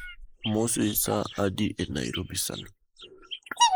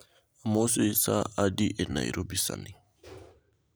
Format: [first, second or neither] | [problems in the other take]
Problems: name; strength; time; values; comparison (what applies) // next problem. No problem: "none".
second | noise reduction (neural mask model Resemble Enhance denoiser)